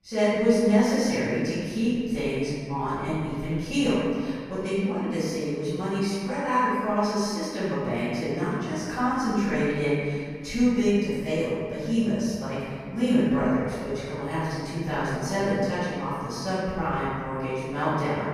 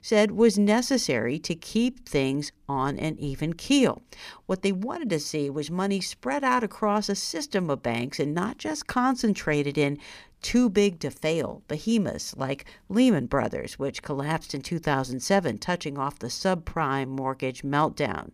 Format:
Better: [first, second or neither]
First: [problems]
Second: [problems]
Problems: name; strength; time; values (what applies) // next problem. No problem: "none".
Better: second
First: room echo; strong; dies away in 2.1 s // off-mic speech; far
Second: none